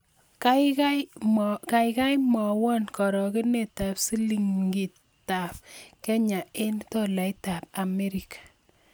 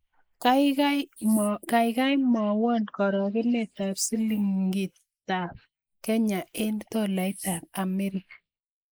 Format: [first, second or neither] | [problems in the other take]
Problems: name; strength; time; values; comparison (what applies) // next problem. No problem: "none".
first | noise reduction (neural mask model Resemble Enhance denoiser)